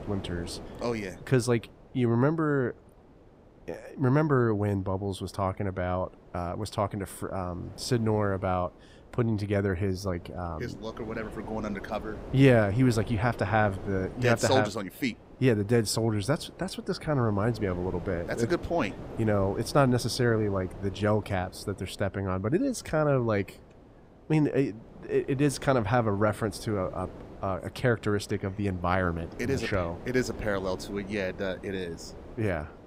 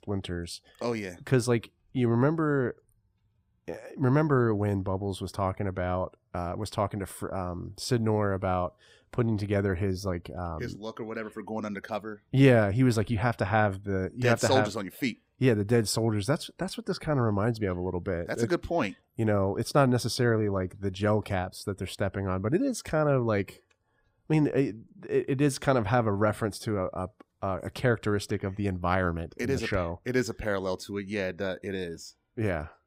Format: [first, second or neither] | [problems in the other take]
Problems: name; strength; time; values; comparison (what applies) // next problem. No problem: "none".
second | wind noise on the microphone; occasional gusts; 20 dB below the speech